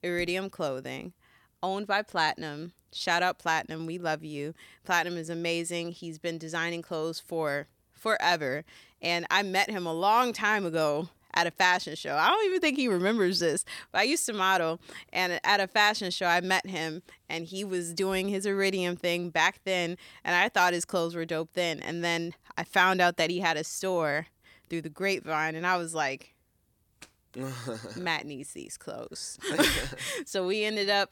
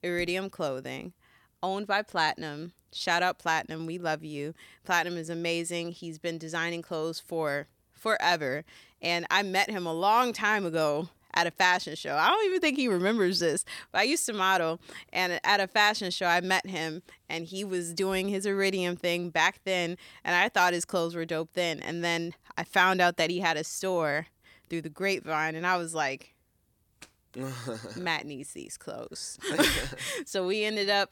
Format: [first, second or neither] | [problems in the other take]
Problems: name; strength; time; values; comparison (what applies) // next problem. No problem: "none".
neither | none